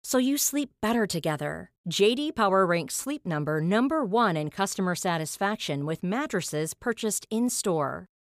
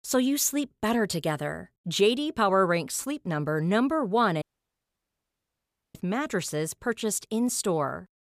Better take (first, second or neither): first